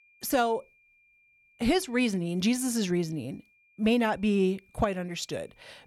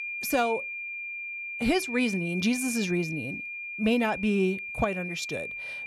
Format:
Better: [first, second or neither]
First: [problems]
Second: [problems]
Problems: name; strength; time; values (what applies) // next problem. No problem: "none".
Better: first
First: high-pitched whine; faint; throughout; 2.5 kHz, 35 dB below the speech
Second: high-pitched whine; loud; throughout; 2.5 kHz, 5 dB below the speech